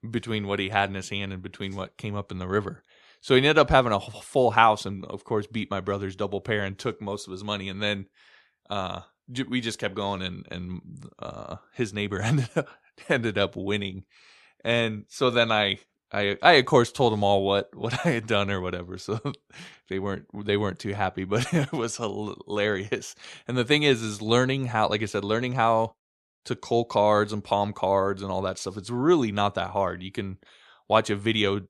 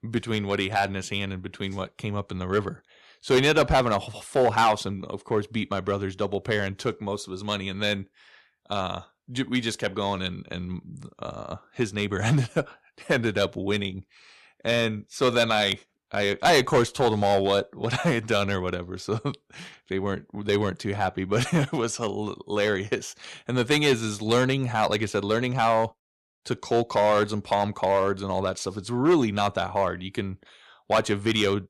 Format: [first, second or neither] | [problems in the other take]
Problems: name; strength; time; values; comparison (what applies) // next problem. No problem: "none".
first | distortion; slight; 3% of the sound clipped